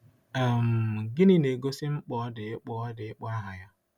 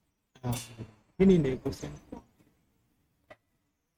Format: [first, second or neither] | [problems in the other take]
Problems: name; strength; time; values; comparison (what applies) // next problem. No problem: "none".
first | noise reduction (neural mask model RNNoise)